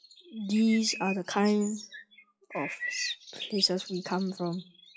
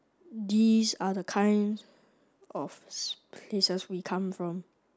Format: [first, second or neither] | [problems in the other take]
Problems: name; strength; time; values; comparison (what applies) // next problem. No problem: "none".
second | noise reduction (classical method WPE with log-MMSE)